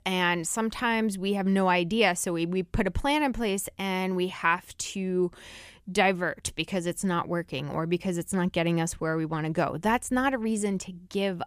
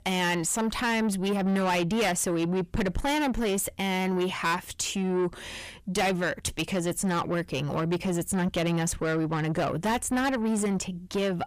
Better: first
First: none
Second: distortion; heavy; 7 dB below the speech

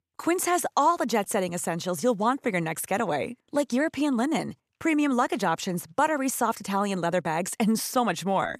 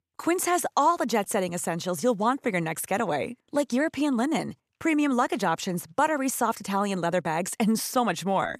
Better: neither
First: none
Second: none

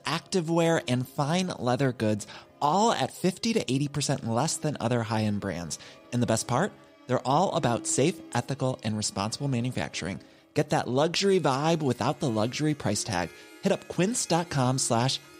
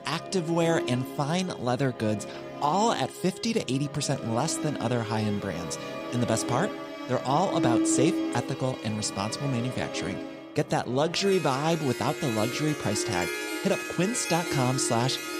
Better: first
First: background music; faint; throughout; 25 dB below the speech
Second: background music; loud; throughout; 6 dB below the speech

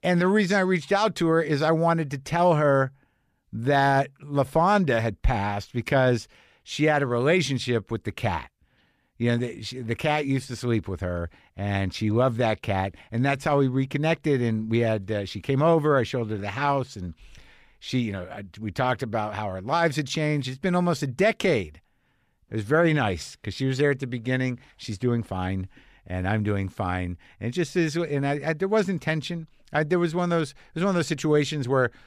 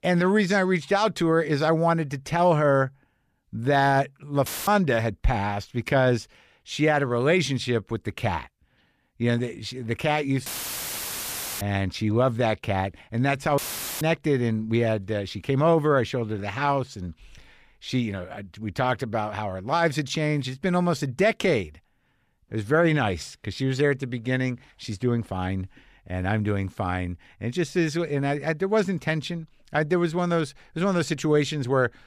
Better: first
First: none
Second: audio cutting out; filled with static; at 4.5 s, at 10 s for 1 s and at 14 s

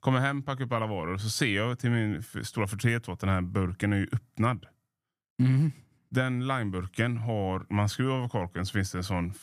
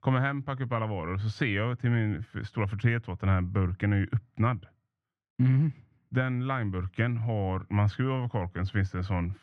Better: first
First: none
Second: muffled; slightly; fading above 2.5 kHz

